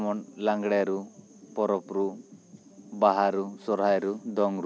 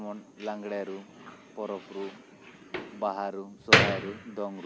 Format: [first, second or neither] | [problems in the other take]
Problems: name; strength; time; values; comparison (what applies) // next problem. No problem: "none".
first | background sound (Slam); 5 dB above the speech